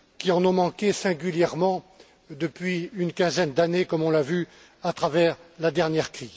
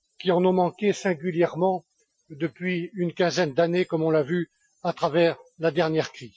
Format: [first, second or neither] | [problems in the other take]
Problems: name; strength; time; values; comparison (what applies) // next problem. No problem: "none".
first | noise reduction (classical method Wiener filter)